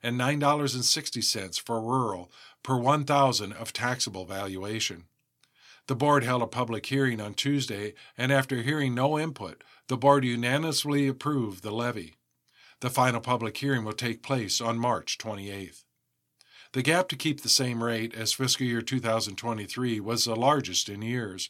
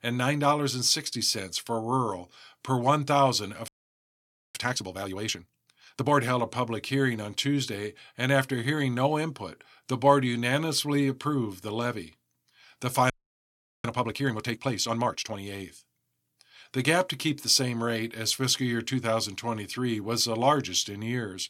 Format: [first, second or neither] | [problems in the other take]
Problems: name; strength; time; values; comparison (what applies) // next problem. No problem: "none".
first | audio freezing; at 3.5 s for 1 s and at 13 s for 0.5 s